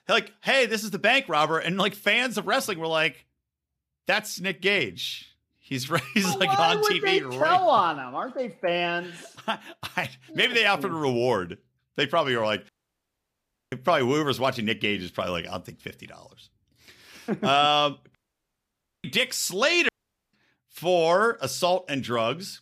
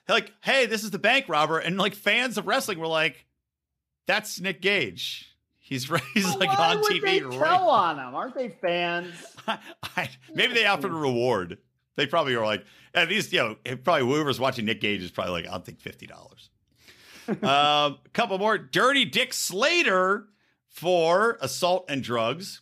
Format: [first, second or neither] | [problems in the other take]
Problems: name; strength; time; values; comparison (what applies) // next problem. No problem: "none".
second | audio cutting out; at 13 s for 1 s, at 18 s for 1 s and at 20 s